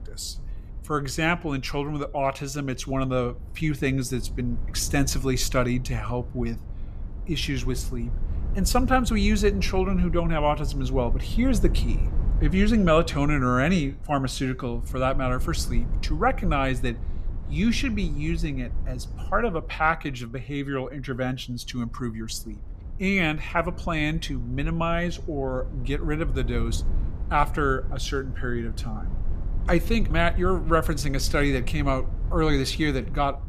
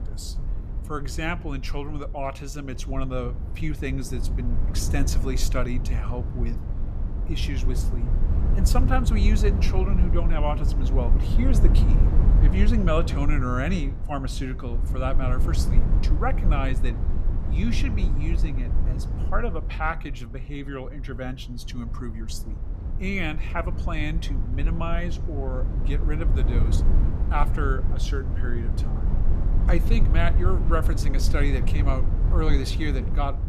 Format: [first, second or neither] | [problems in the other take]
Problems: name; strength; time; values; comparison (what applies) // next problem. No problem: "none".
first | low rumble; loud; throughout; 8 dB below the speech; faint in the first